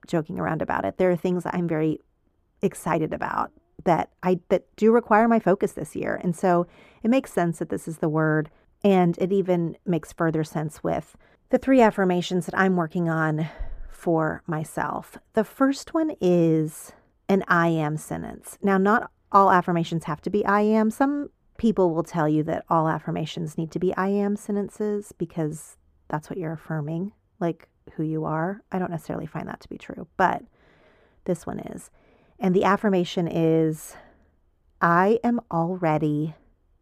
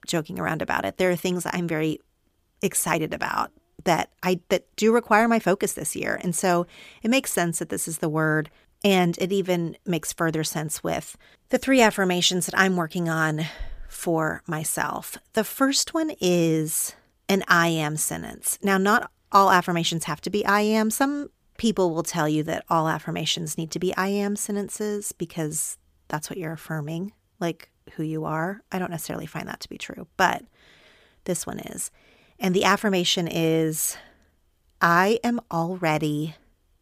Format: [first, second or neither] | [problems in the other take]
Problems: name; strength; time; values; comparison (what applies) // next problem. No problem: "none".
second | muffled; very; fading above 2 kHz